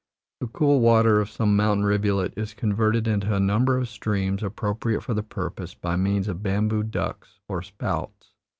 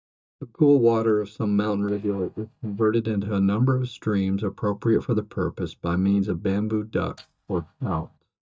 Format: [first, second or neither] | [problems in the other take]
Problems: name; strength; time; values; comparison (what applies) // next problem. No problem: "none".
first | noise reduction (neural mask model DeepFilterNet 3)